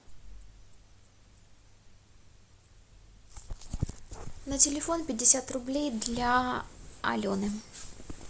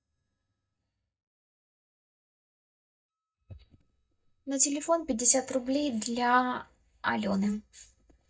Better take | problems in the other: first | noise reduction (neural mask model DeepFilterNet 3)

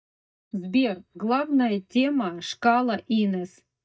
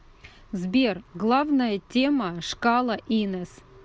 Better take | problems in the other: second | noise reduction (neural mask model DeepFilterNet 3)

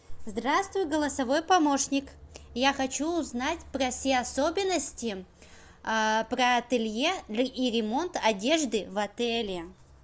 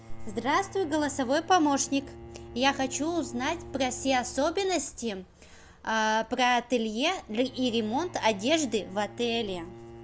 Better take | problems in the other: first | background sound (Bowed string instrument); 19 dB below the speech

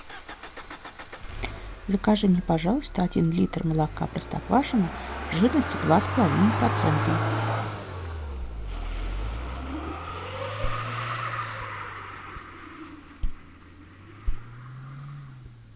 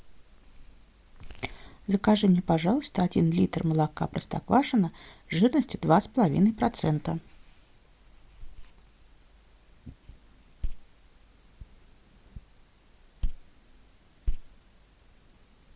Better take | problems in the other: second | background sound (Motor vehicle (road)); 4 dB below the speech

